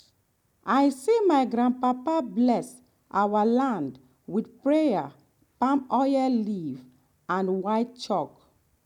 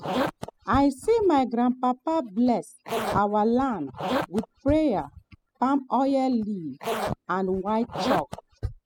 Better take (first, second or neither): first